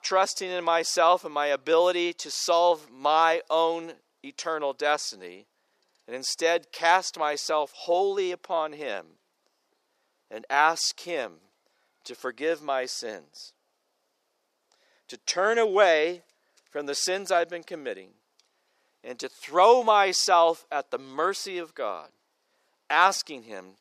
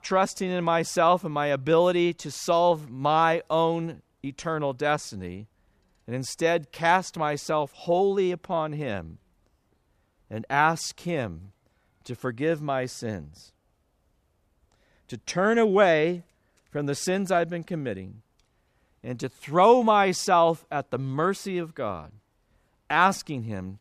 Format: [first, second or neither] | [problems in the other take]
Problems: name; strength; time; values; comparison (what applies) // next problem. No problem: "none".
second | thin; very; fading below 400 Hz